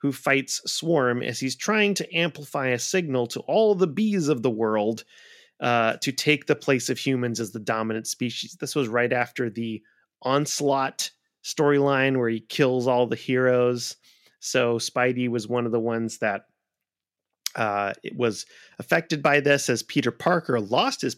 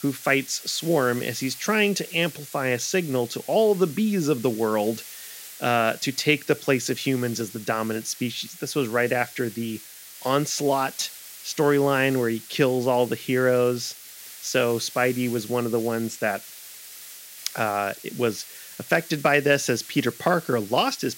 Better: first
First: none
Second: hiss; noticeable; throughout; 15 dB below the speech

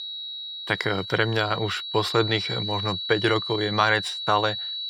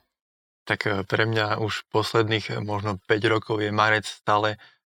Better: second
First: high-pitched whine; loud; throughout; 4 kHz, 5 dB below the speech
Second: none

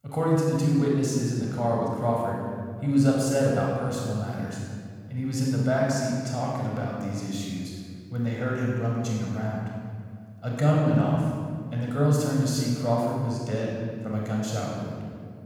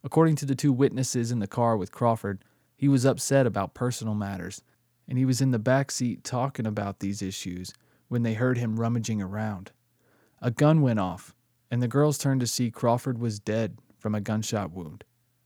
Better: second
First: room echo; strong; dies away in 1.8 s // off-mic speech; far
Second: none

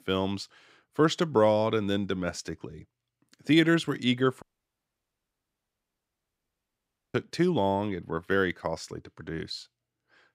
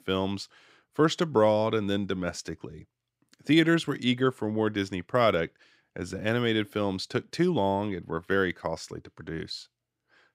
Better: second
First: audio cutting out; at 4.5 s for 2.5 s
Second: none

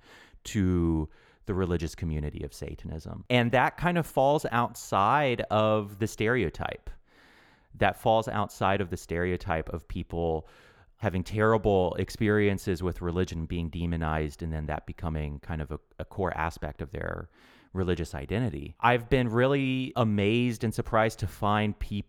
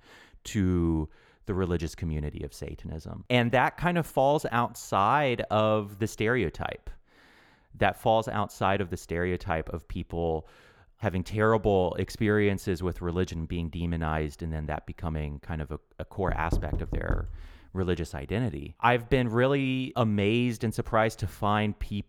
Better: first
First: none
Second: door banging; noticeable; from 16 to 17 s; peak 4 dB below the speech

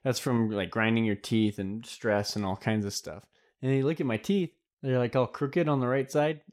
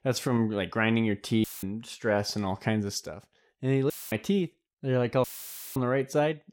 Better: first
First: none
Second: audio cutting out; filled with static; at 1.5 s, at 4 s and at 5 s for 0.5 s

